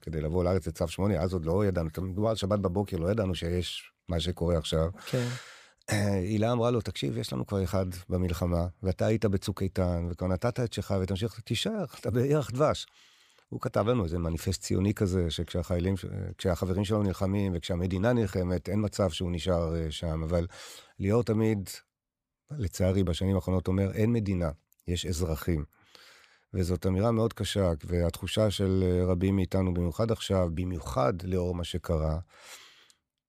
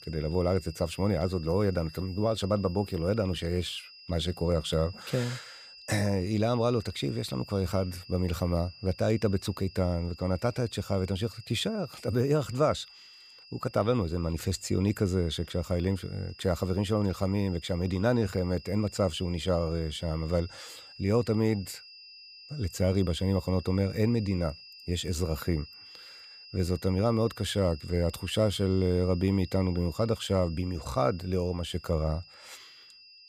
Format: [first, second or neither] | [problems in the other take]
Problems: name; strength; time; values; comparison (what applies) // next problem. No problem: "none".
first | high-pitched whine; noticeable; throughout; 5 kHz, 20 dB below the speech